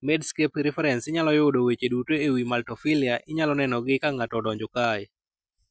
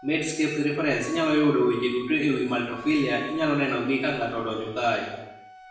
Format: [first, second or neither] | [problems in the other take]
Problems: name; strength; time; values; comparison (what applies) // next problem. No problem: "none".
first | background sound (Wind instrument, woodwind instrument); 19 dB below the speech // room echo; dies away in 0.9 s